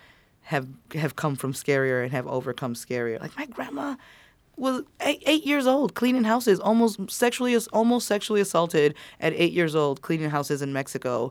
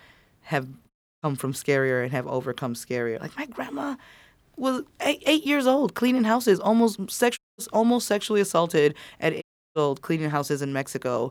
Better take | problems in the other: first | audio cutting out; at 1 s, at 7.5 s and at 9.5 s

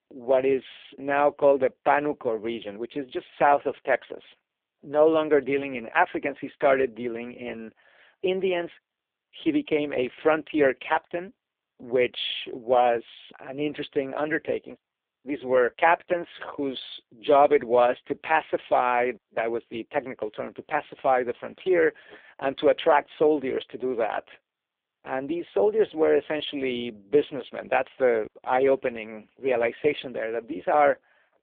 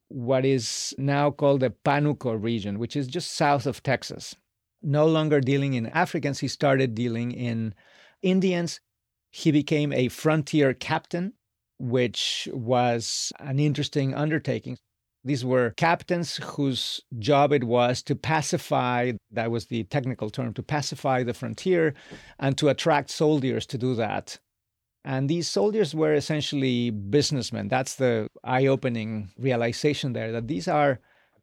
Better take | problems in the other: second | phone-call audio; poor line; nothing above 3.5 kHz

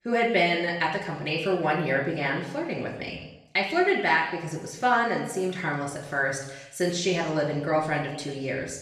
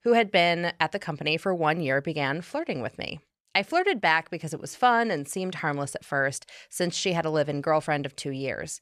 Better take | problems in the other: second | room echo; noticeable; dies away in 0.8 s // off-mic speech; far

